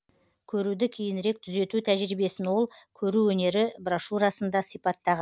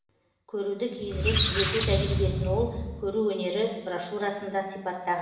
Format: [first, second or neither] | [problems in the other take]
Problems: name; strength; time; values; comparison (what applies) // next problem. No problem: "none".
first | background sound (Squeak); 2 dB above the speech // room echo; dies away in 1.1 s